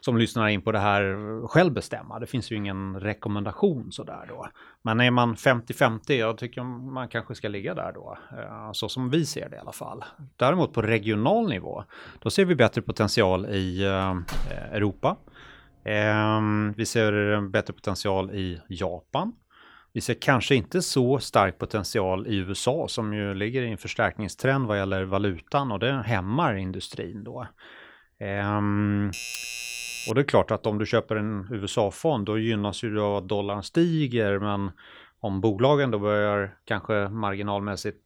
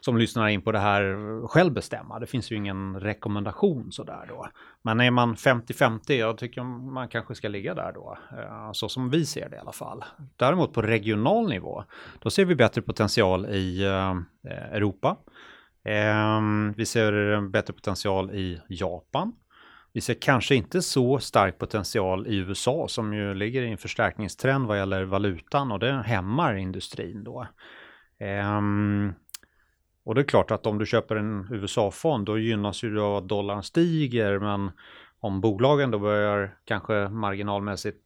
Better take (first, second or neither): second